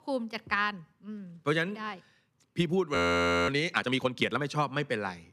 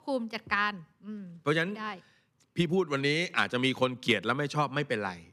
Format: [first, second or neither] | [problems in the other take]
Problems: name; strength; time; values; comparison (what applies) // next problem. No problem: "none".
second | audio freezing; at 3 s for 0.5 s